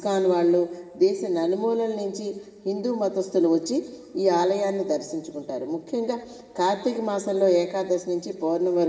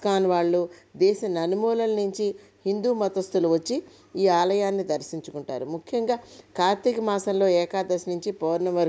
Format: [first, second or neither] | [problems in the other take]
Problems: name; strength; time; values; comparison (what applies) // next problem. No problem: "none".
second | room echo; dies away in 1.6 s